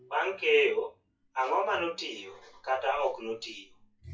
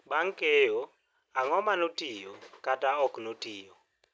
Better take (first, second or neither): second